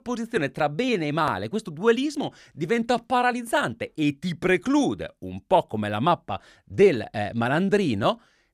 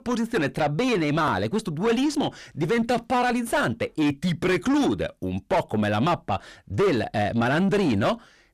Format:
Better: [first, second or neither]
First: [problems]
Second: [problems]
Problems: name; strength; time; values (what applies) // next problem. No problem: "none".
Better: first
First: none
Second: distortion; heavy; 6 dB below the speech